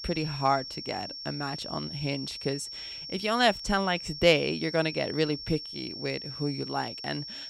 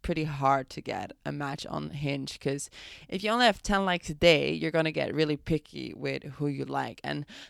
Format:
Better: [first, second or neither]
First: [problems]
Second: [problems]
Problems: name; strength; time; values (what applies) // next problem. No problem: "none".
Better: second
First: high-pitched whine; loud; throughout; 5.5 kHz, 8 dB below the speech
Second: none